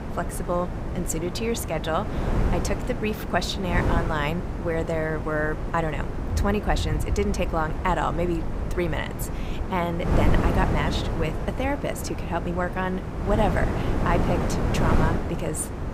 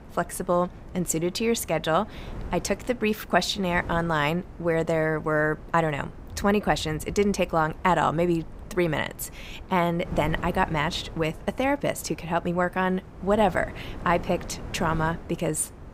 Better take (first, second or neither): second